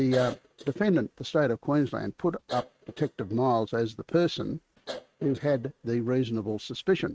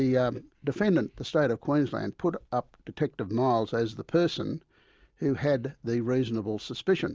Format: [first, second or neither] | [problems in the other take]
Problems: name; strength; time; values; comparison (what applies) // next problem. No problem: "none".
second | noise reduction (neural mask model RNNoise)